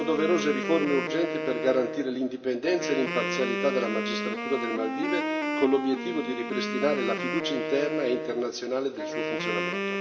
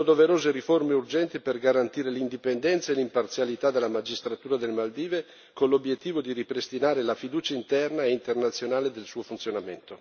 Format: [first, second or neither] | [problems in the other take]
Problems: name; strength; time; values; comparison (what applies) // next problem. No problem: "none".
second | background sound (Wind instrument, woodwind instrument); 3 dB below the speech // room echo; dies away in 2 s